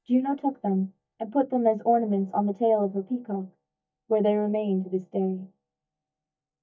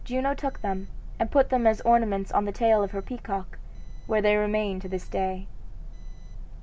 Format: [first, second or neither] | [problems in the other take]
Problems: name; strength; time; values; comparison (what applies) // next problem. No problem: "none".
second | noise reduction (neural mask model DeepFilterNet 3)